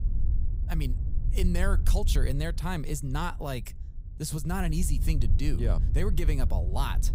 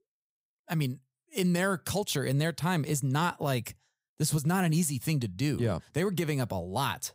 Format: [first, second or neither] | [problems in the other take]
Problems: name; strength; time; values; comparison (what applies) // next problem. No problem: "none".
second | wind noise on the microphone; occasional gusts; 15 dB below the speech